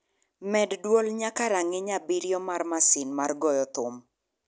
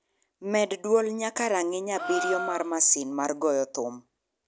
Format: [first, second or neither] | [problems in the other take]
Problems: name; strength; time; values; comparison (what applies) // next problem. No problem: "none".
first | background sound (Gasp); 9 dB below the speech